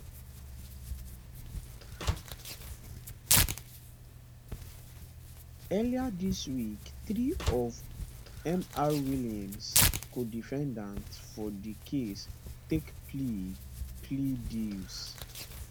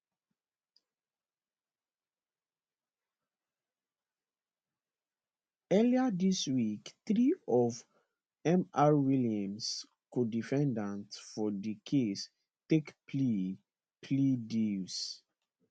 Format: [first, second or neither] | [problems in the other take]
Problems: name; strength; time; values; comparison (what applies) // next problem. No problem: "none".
second | background sound (Slam + Tearing); as loud as the speech